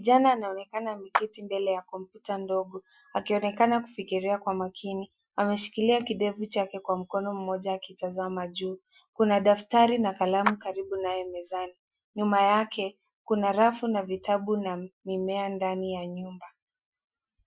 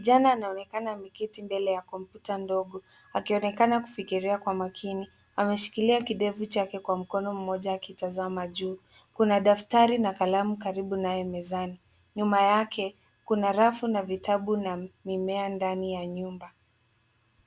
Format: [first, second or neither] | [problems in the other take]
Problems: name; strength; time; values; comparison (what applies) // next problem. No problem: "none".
second | noise reduction (classical method Wiener filter)